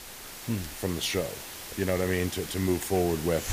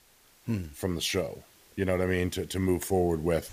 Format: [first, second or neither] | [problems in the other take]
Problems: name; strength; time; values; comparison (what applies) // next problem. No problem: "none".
second | hiss; loud; throughout; 9 dB below the speech; faint in the second